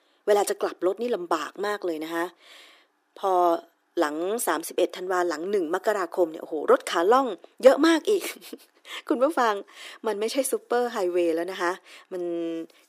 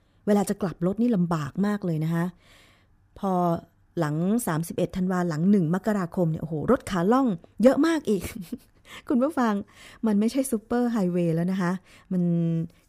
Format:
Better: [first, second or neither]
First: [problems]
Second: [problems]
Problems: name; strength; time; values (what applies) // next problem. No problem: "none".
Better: second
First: thin; very; fading below 350 Hz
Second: none